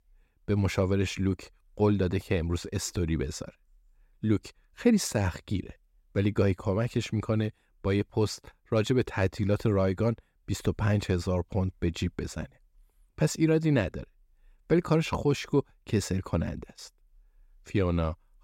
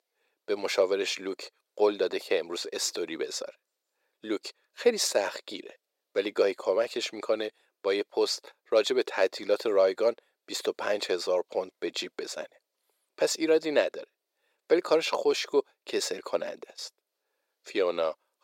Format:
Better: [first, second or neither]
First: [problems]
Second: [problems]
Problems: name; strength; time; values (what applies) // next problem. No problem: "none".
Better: first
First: none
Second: thin; very; fading below 400 Hz